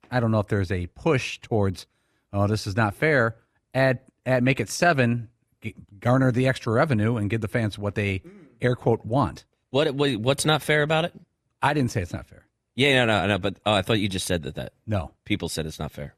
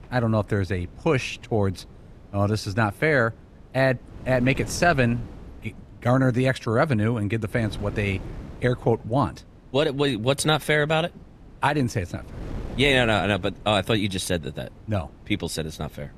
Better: first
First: none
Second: wind noise on the microphone; occasional gusts; 25 dB below the speech

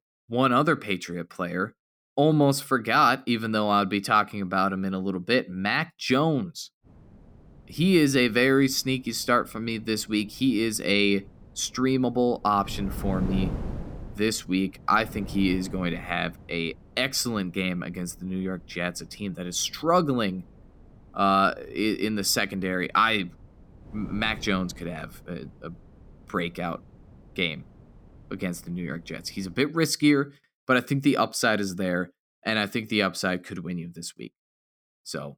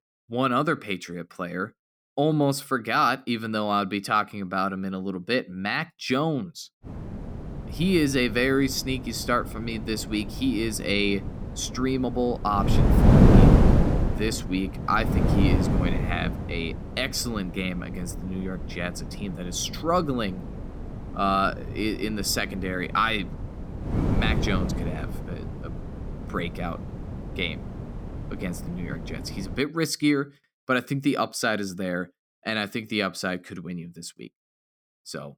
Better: first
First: wind noise on the microphone; occasional gusts; from 7 to 30 s; 25 dB below the speech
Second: wind noise on the microphone; heavy; from 7 to 30 s; 7 dB below the speech

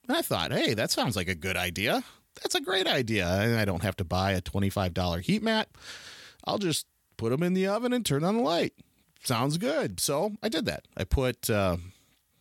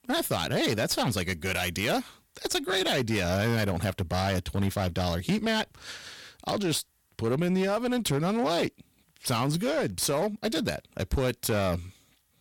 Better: first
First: none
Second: distortion; slight; 13% of the sound clipped

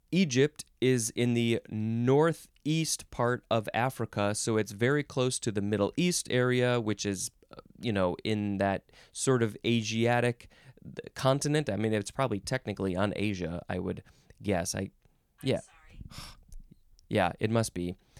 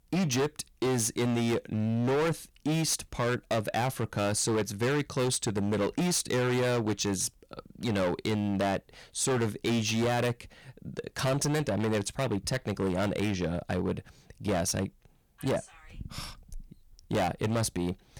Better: first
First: none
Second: distortion; heavy; 17% of the sound clipped

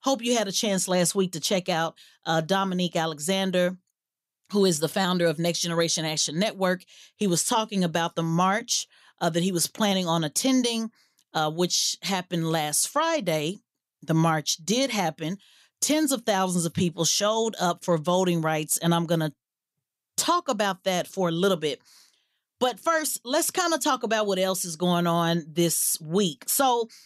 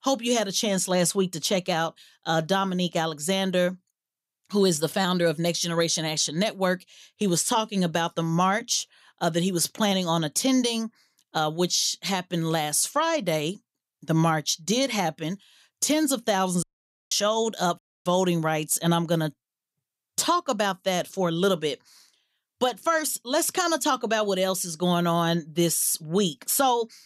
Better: first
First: none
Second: audio cutting out; at 17 s and at 18 s

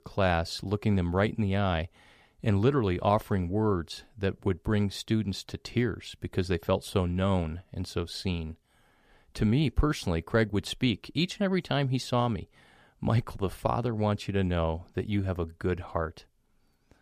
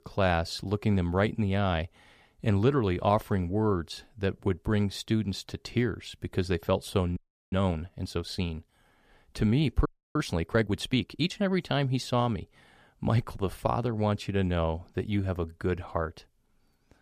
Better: first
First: none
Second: audio freezing; at 7 s and at 10 s

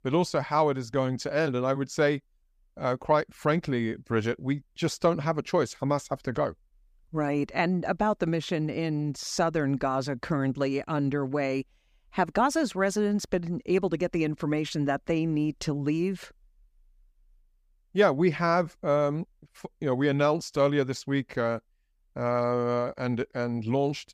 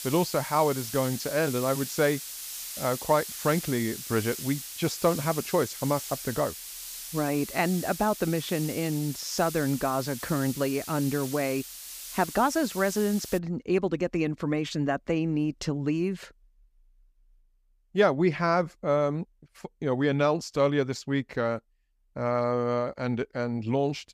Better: first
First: none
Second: hiss; loud; until 13 s; 9 dB below the speech

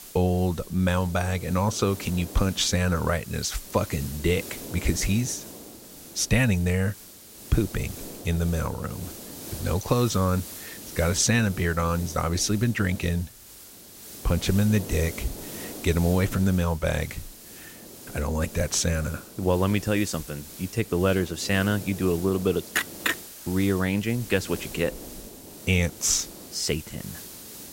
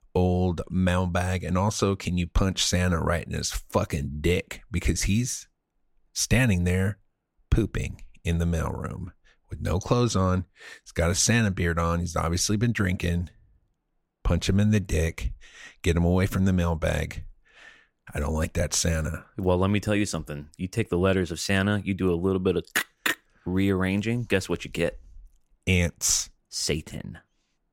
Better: second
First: hiss; noticeable; throughout; 15 dB below the speech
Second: none

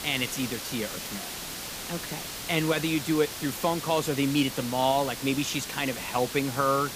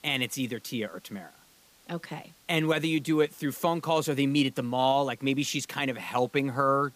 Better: second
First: hiss; loud; throughout; 7 dB below the speech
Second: hiss; faint; throughout; 30 dB below the speech

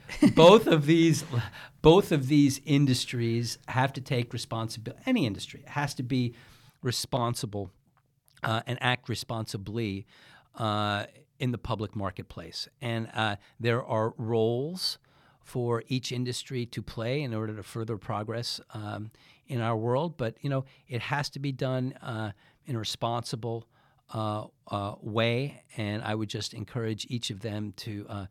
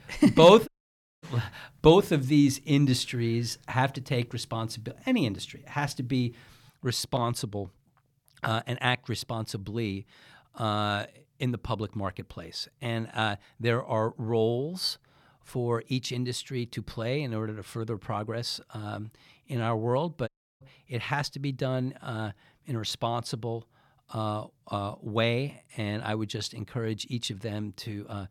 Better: first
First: none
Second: audio cutting out; at 0.5 s for 0.5 s and at 20 s

